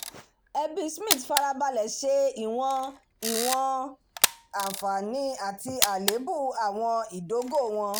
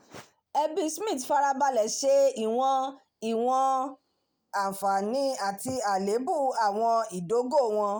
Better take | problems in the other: second | background sound (Camera); 5 dB below the speech

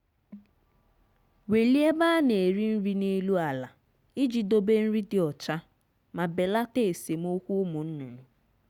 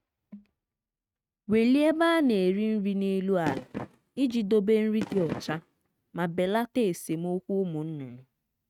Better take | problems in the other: first | noise reduction (neural mask model RNNoise)

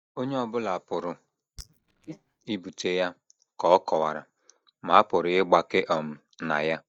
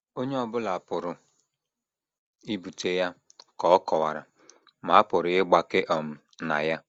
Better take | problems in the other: second | noise reduction (neural mask model DeepFilterNet 3)

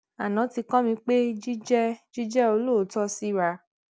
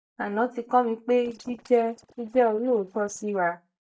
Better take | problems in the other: first | noise reduction (neural mask model DeepFilterNet 3)

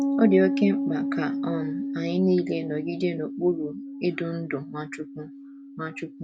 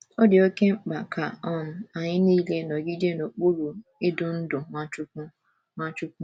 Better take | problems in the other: second | background sound (Piano); 3 dB below the speech

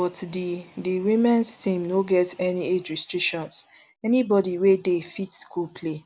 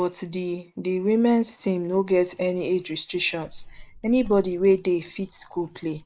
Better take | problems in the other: first | noise reduction (neural mask model Resemble Enhance denoiser)

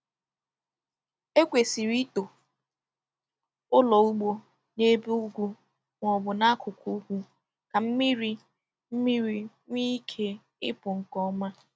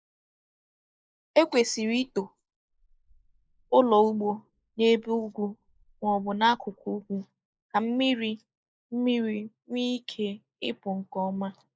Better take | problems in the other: first | noise reduction (neural mask model Resemble Enhance denoiser)

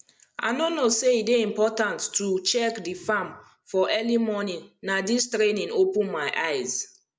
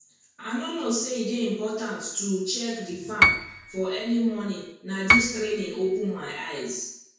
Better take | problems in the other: first | background sound (Piano); 3 dB above the speech // room echo; dies away in 0.6 s

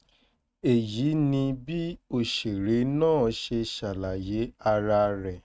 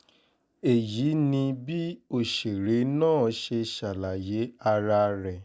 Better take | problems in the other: second | noise reduction (neural mask model RNNoise)

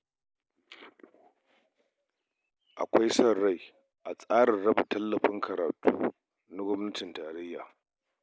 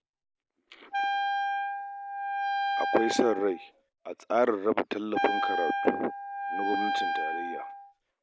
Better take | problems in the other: first | background sound (Wind instrument, woodwind instrument); 1 dB above the speech

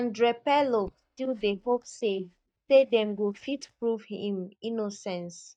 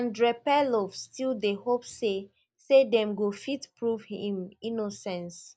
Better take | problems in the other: second | noise reduction (neural mask model DeepFilterNet 3)

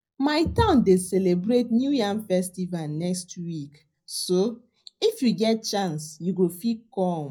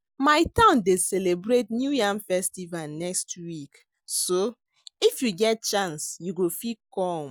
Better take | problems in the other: second | room echo; dies away in 0.4 s

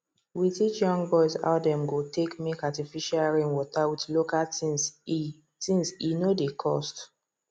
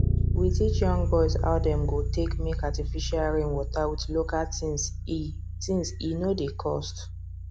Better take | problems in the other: first | background sound (Bass guitar); 1 dB above the speech

